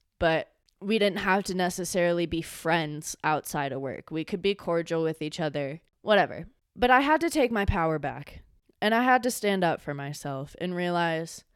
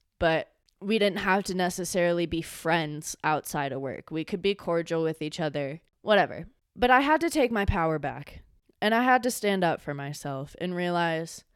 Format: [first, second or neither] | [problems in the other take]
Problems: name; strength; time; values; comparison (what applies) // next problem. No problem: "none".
neither | none